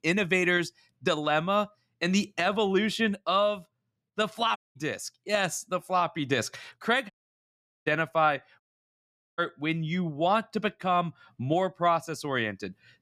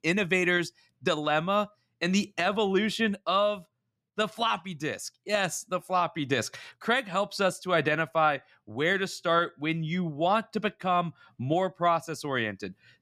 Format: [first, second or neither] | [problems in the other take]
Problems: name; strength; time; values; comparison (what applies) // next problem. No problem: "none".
second | audio cutting out; at 4.5 s, at 7 s for 1 s and at 8.5 s for 1 s